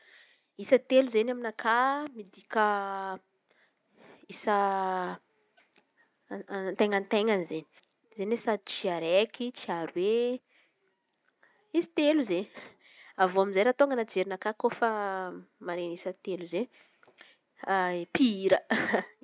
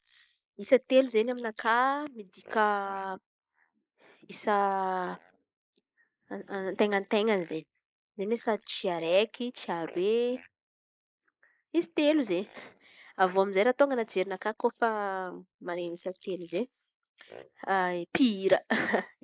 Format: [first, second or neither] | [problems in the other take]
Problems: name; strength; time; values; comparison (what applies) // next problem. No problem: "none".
first | noise reduction (neural mask model Resemble Enhance denoiser)